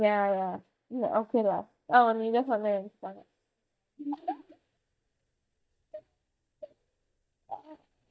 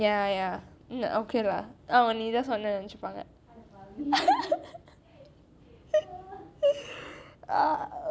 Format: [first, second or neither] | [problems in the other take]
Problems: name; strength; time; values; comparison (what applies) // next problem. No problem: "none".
second | noise reduction (neural mask model DeepFilterNet 3)